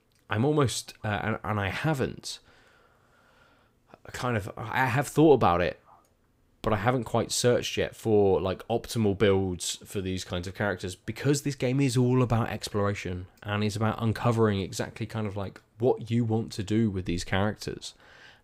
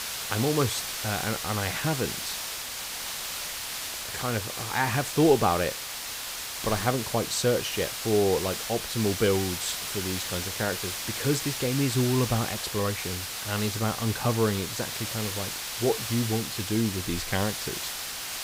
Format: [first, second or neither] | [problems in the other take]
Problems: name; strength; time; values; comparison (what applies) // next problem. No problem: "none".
first | hiss; loud; throughout; 3 dB below the speech